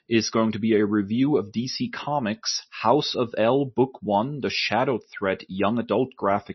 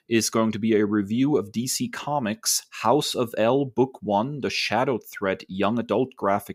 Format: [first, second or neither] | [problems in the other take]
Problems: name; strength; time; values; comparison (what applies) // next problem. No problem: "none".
second | garbled, watery; slightly; nothing above 6 kHz